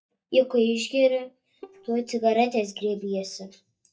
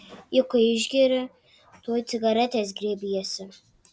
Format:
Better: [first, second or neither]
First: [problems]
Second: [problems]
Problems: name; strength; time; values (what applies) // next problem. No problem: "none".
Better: second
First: noise reduction (neural mask model DeepFilterNet 3)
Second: none